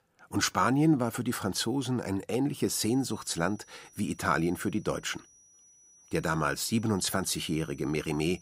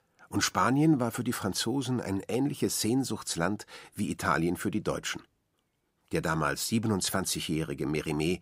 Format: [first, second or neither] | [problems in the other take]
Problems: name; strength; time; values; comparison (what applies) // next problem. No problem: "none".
second | high-pitched whine; faint; from 2.5 s on; 6 kHz, 25 dB below the speech